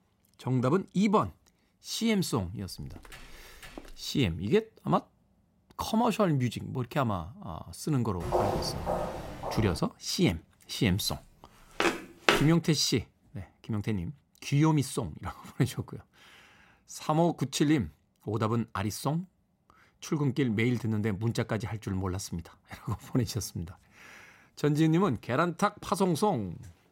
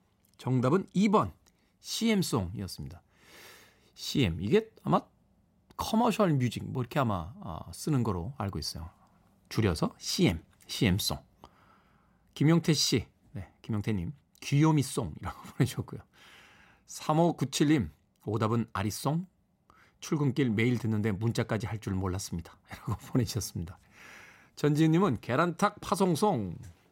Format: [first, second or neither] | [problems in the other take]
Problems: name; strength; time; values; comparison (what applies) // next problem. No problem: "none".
second | footsteps; faint; from 2.5 to 4 s; peak 20 dB below the speech // footsteps; loud; from 8 to 10 s and at 12 s; peak 3 dB above the speech